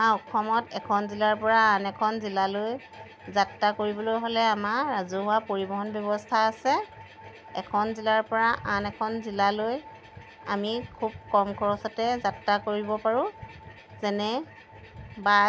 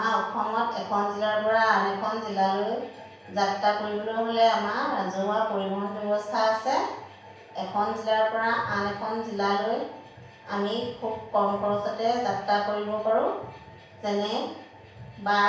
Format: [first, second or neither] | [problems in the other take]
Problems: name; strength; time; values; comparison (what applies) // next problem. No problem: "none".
first | room echo; dies away in 0.7 s